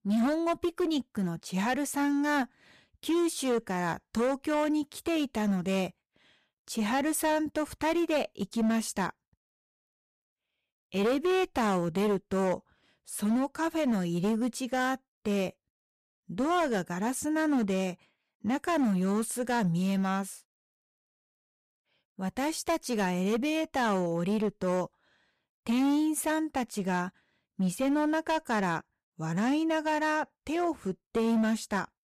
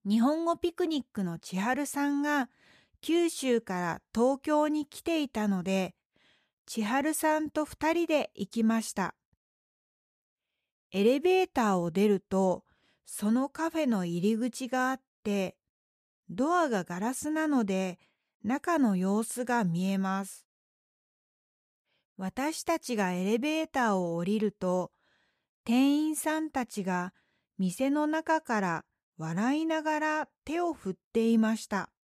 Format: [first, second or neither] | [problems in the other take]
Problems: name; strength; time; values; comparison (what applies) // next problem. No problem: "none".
second | distortion; slight; 10% of the sound clipped